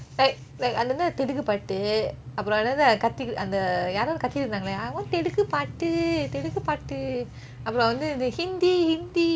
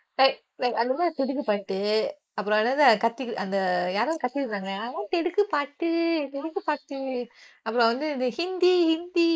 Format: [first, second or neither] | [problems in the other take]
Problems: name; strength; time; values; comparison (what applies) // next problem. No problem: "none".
first | noise reduction (neural mask model Resemble Enhance denoiser)